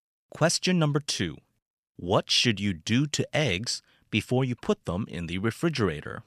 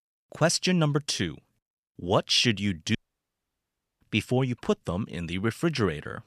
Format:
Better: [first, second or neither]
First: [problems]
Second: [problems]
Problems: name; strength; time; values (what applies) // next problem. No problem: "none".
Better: first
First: none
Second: audio cutting out; at 3 s for 1 s